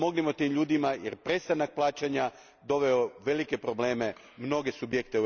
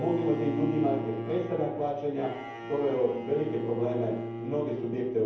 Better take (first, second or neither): first